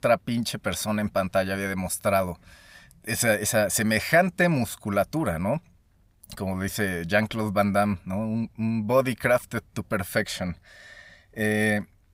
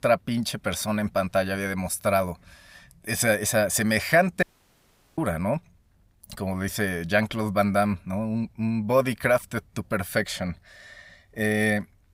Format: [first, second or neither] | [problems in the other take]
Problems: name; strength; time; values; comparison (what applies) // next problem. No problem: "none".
first | audio cutting out; at 4.5 s for 1 s